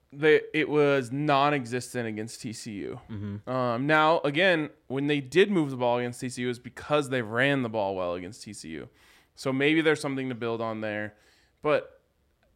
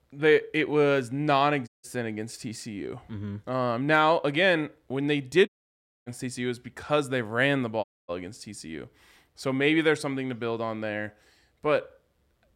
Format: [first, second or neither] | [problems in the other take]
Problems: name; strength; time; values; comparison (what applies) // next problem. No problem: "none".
first | audio cutting out; at 1.5 s, at 5.5 s for 0.5 s and at 8 s